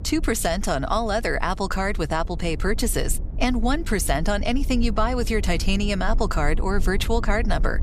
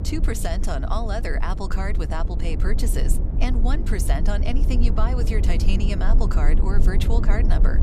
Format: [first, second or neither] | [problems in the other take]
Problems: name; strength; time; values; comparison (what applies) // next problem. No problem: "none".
first | low rumble; loud; throughout; 7 dB below the speech; faint in the first